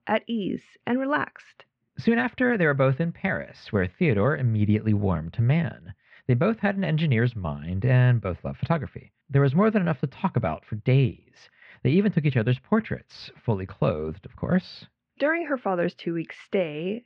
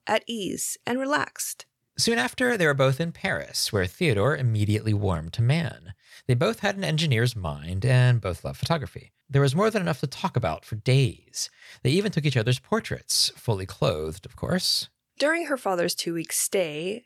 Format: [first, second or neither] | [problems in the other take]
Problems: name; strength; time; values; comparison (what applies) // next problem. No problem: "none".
second | muffled; very; fading above 2.5 kHz